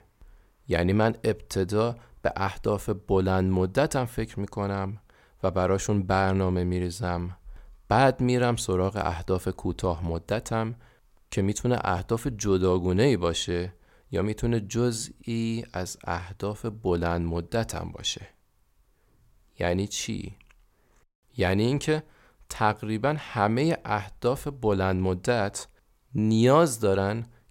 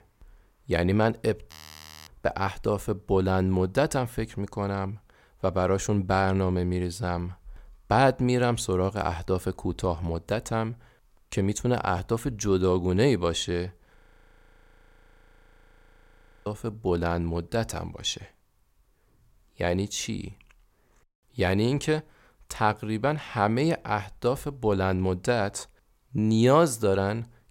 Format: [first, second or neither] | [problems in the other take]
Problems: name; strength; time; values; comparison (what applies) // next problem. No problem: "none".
first | audio freezing; at 1.5 s for 0.5 s and at 14 s for 2.5 s